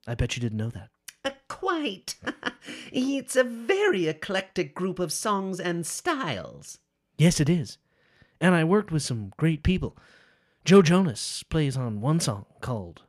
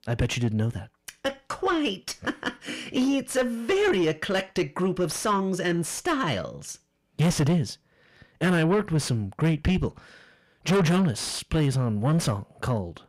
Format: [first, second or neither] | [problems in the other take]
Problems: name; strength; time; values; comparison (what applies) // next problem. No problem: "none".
first | distortion; heavy; 6 dB below the speech